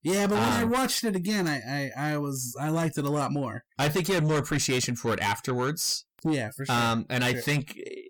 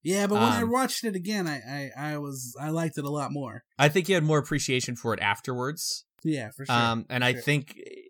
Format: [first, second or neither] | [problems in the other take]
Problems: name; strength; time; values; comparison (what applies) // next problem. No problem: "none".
second | distortion; heavy; 7 dB below the speech